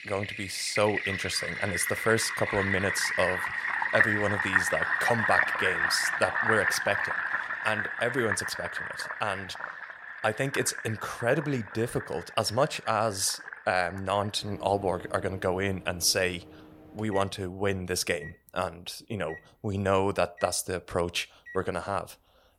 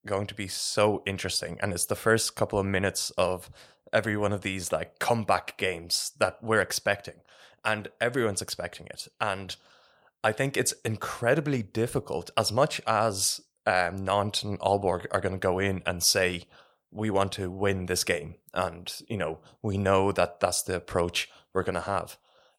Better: second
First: household noises; loud; throughout; as loud as the speech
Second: none

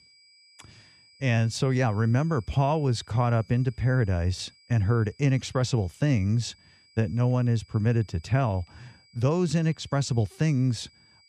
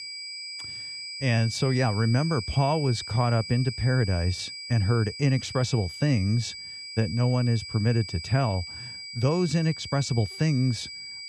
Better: first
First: high-pitched whine; faint; throughout; 5 kHz, 30 dB below the speech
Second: high-pitched whine; loud; throughout; 5 kHz, 10 dB below the speech

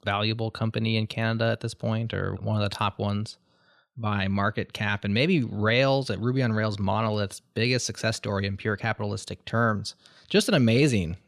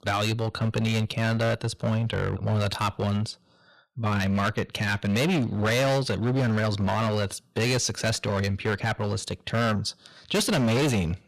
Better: first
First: none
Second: distortion; heavy; 17% of the sound clipped

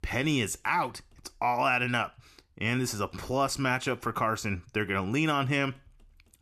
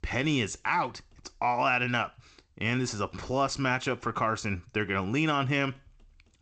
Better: first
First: none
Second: garbled, watery; slightly; nothing above 8 kHz

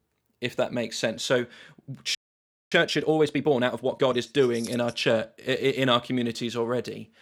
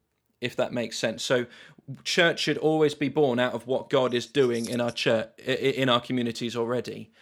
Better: second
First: audio freezing; at 2 s for 0.5 s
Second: none

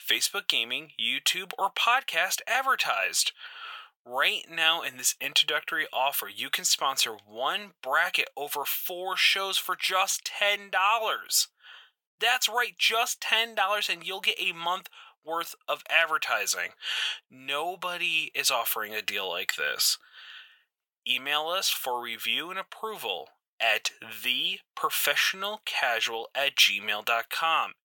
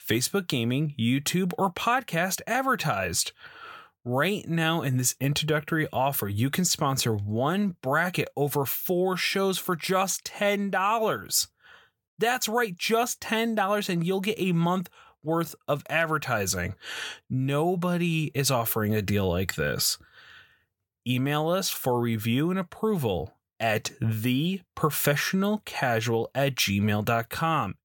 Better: second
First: thin; very; fading below 850 Hz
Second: none

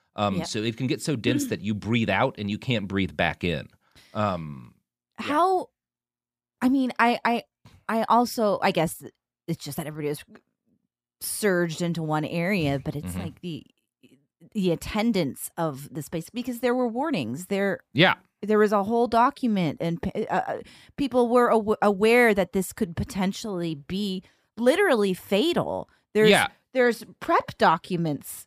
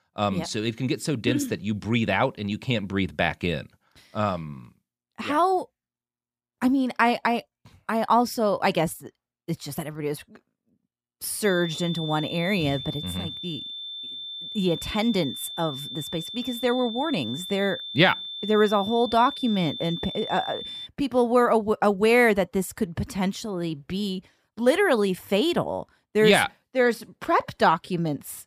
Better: first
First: none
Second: high-pitched whine; loud; from 11 to 21 s; 3.5 kHz, 9 dB below the speech

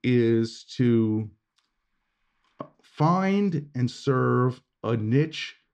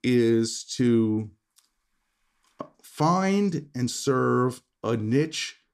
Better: second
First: muffled; very slightly; fading above 3 kHz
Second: none

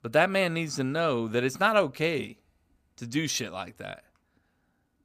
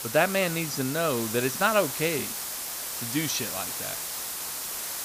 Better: first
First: none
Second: hiss; loud; throughout; 4 dB below the speech

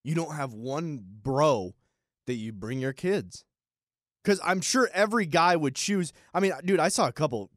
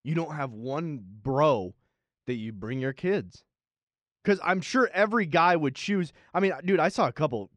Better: first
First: none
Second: muffled; slightly; fading above 3 kHz

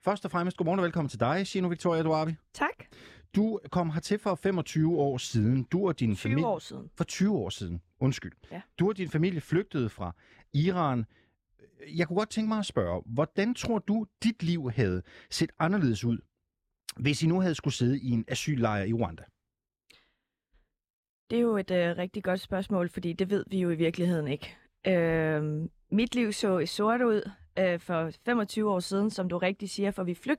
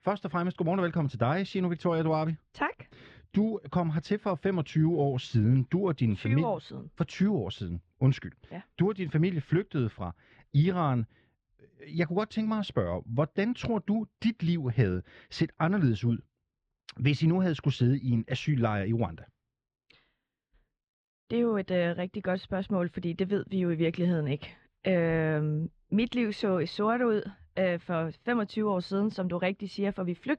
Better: first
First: none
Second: muffled; very slightly; fading above 4 kHz

